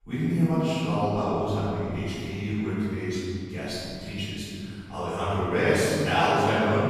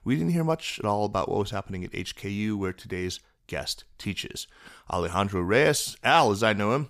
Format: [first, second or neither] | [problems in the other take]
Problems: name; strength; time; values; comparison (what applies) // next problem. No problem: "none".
second | room echo; strong; dies away in 3 s // off-mic speech; far